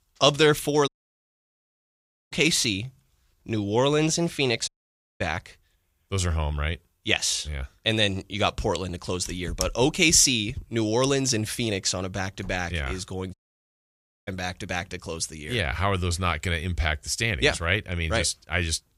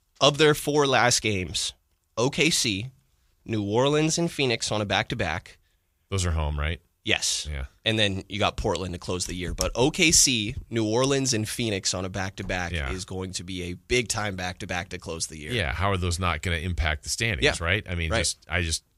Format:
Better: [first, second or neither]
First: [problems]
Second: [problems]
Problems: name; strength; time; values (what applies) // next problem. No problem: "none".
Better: second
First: audio cutting out; at 1 s for 1.5 s, at 4.5 s for 0.5 s and at 13 s for 1 s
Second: none